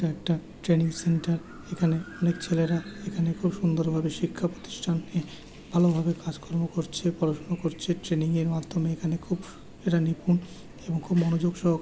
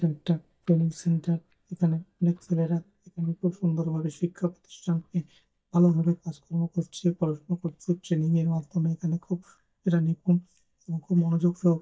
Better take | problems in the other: first | noise reduction (neural mask model DeepFilterNet 3)

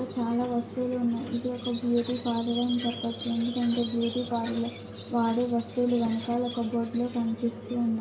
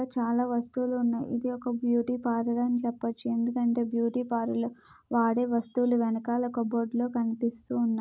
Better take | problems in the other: second | background sound (Squeak); 11 dB below the speech // room echo; dies away in 0.3 s

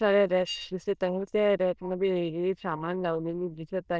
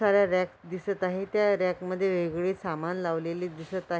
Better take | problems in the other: second | noise reduction (neural diffusion model UNIVERSE++)

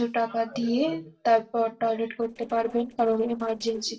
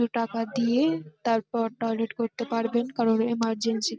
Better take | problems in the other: second | noise reduction (neural separator model SepFormer DNS4)

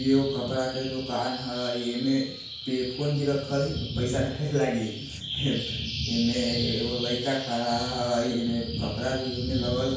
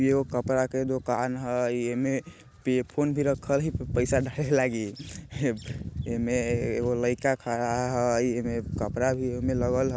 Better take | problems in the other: second | background sound (Bird vocalization, bird call, bird song); 10 dB below the speech // room echo; dies away in 0.5 s

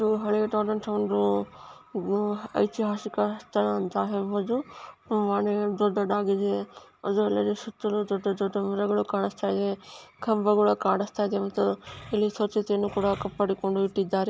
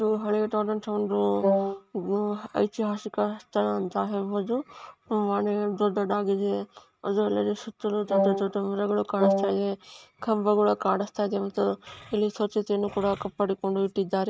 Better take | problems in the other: first | noise reduction (neural mask model RNNoise)

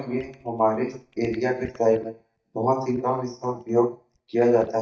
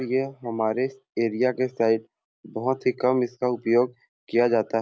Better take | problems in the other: second | noise reduction (neural mask model DeepFilterNet 3)

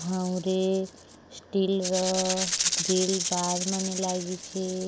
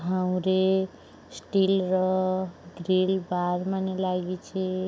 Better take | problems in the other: second | background sound (Rattle (instrument)); 4 dB below the speech

